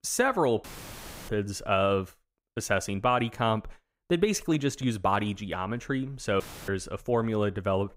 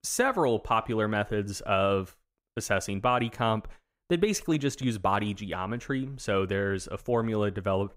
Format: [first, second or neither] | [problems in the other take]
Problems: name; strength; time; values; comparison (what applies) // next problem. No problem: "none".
second | audio cutting out; filled with static; at 0.5 s for 0.5 s and at 6.5 s